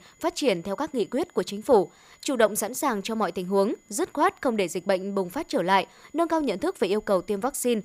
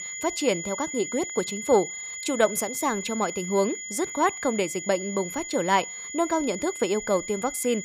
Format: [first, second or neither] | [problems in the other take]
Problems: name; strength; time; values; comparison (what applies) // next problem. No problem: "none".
first | high-pitched whine; loud; throughout; 7 kHz, 7 dB below the speech; faint in the first